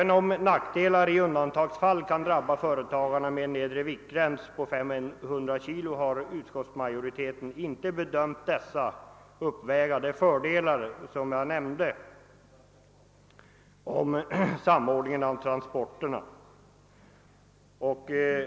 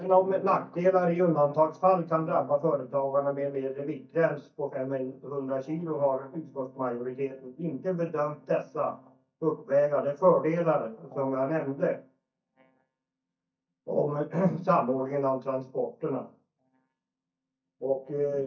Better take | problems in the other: first | noise reduction (neural mask model DeepFilterNet 3)

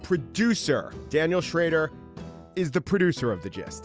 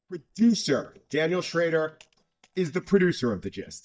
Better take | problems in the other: first | noise reduction (neural mask model DeepFilterNet 3)

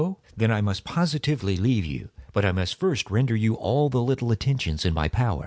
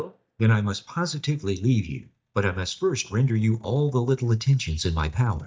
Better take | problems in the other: first | noise reduction (neural mask model DeepFilterNet 3)

